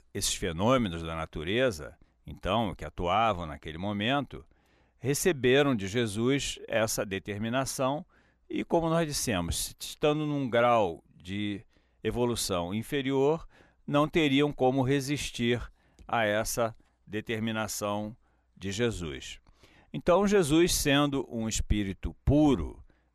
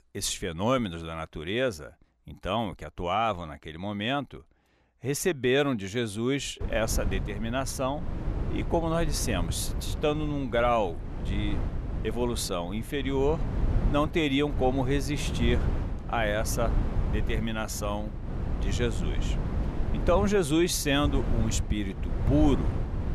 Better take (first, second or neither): first